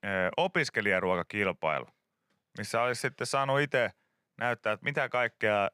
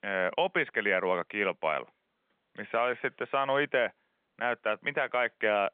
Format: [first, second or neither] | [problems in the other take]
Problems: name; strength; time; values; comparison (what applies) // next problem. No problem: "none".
first | phone-call audio; nothing above 3.5 kHz